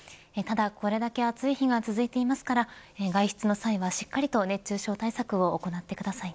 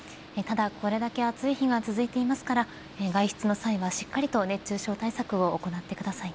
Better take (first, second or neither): first